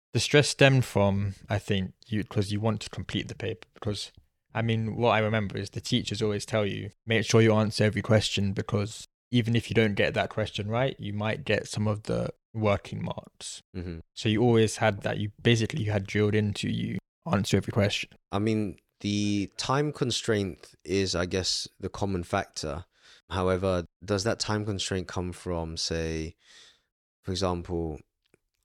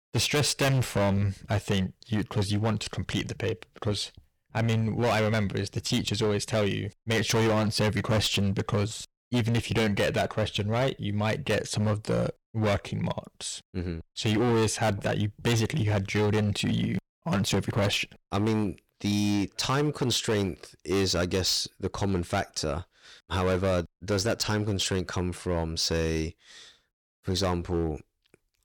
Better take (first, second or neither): first